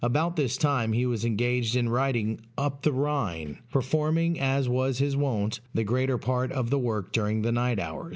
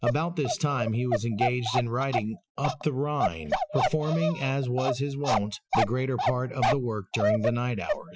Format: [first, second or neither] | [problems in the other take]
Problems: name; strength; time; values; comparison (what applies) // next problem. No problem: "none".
first | noise reduction (classical method Wiener filter)